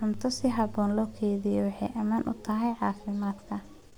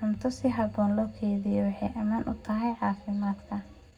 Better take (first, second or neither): first